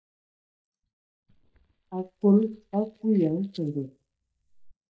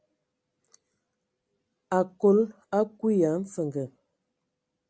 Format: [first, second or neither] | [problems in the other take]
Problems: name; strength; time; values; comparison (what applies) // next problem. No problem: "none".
second | noise reduction (neural mask model DeepFilterNet 3)